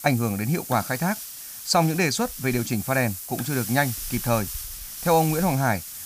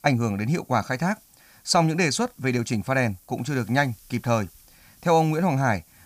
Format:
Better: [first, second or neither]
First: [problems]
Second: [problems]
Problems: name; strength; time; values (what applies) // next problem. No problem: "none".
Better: second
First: hiss; loud; throughout; 8 dB below the speech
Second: hiss; faint; throughout; 30 dB below the speech